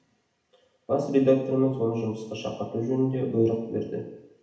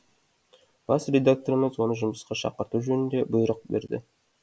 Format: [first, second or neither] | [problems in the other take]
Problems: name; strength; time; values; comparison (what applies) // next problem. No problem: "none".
second | room echo; dies away in 0.8 s